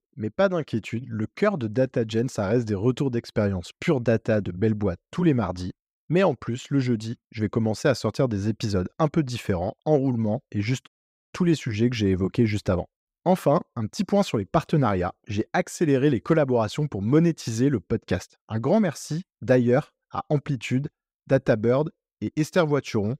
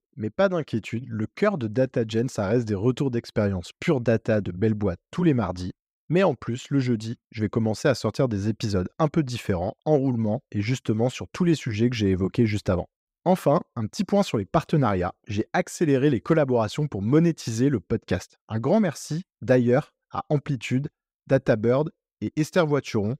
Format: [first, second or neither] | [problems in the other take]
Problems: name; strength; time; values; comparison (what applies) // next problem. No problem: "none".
second | audio cutting out; at 11 s